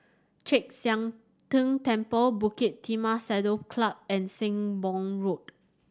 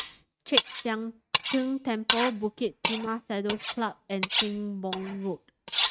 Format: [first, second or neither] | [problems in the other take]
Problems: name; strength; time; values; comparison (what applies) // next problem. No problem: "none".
first | noise reduction (neural mask model RNNoise)